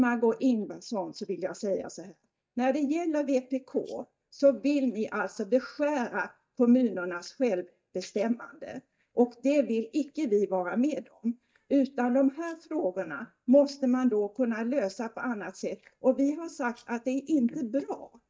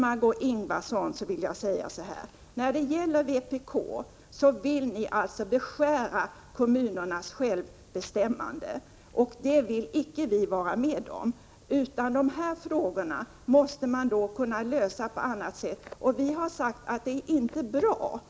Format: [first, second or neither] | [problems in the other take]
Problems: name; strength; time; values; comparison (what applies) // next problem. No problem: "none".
second | noise reduction (neural mask model DeepFilterNet 3)